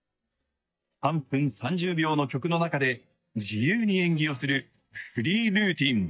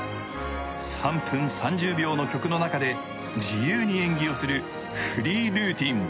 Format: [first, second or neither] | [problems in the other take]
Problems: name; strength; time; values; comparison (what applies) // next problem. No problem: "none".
second | noise reduction (neural mask model DeepFilterNet 3)